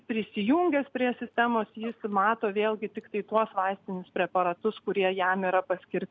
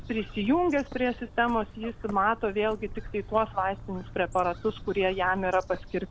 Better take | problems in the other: first | background sound (Bird); 14 dB below the speech

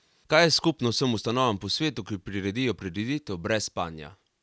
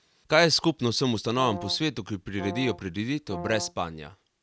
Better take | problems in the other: first | background sound (Brass instrument); 13 dB below the speech

